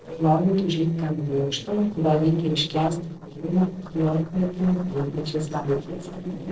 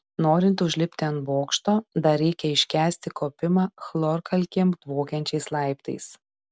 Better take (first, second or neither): second